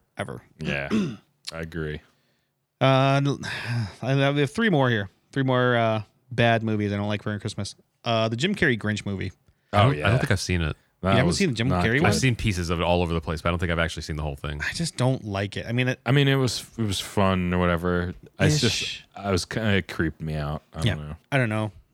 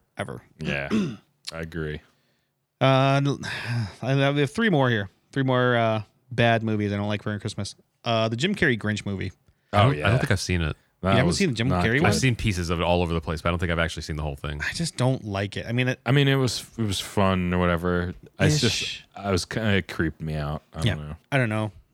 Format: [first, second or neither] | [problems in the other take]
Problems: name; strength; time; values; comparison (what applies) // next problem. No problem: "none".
neither | none